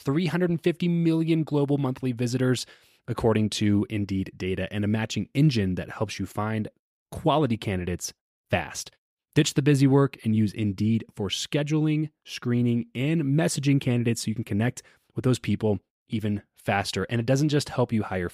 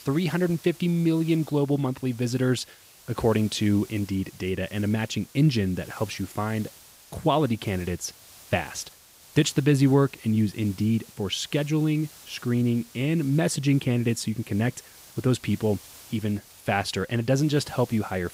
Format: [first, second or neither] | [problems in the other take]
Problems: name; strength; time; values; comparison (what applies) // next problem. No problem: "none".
first | hiss; faint; throughout; 20 dB below the speech